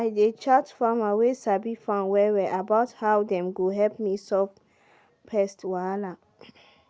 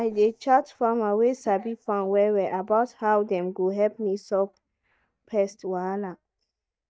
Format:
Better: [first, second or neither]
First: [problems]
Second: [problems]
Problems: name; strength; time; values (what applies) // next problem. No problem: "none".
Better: first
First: none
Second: noise reduction (neural mask model DeepFilterNet 3)